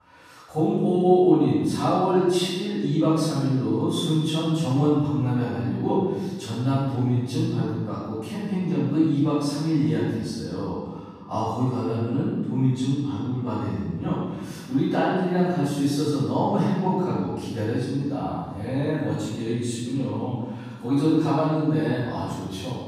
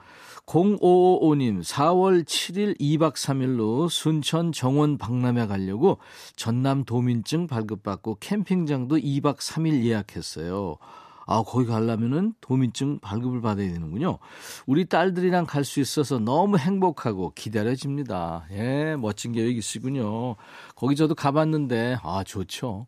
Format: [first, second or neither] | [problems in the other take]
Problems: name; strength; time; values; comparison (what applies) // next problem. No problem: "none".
second | off-mic speech; far // room echo; strong; dies away in 1.3 s